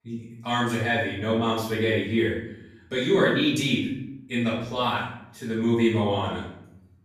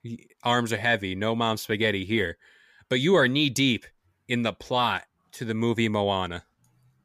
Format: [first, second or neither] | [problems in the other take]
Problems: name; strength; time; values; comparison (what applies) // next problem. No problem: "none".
second | room echo; noticeable; dies away in 0.7 s // off-mic speech; far